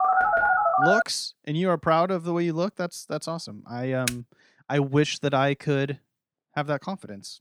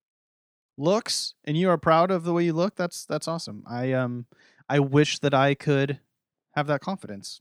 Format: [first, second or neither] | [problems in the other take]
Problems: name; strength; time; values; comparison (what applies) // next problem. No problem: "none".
second | phone ringing; loud; until 1 s; peak 6 dB above the speech // keyboard typing; very faint; at 4 s; peak 4 dB below the speech